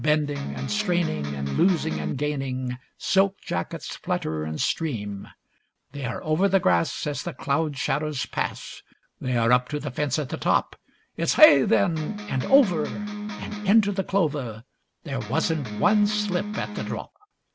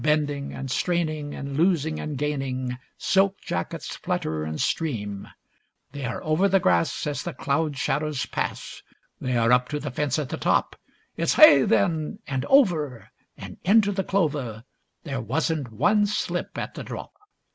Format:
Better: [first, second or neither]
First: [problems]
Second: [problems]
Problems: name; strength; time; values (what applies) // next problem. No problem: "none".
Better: second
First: background sound (Electric guitar); 7 dB below the speech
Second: none